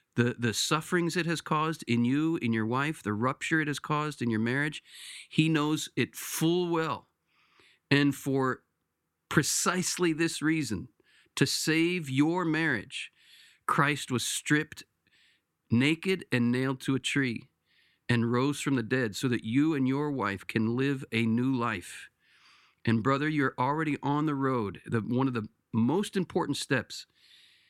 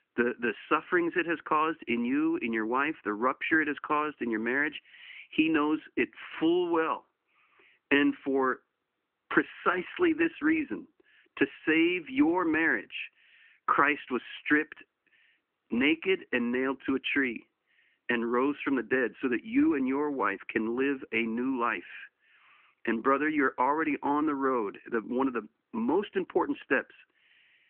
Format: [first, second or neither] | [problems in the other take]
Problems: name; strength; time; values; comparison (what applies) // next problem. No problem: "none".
first | phone-call audio; nothing above 3 kHz